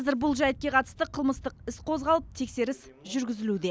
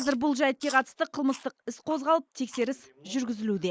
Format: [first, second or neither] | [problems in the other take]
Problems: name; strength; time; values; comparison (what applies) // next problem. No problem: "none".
first | noise reduction (neural mask model Resemble Enhance denoiser)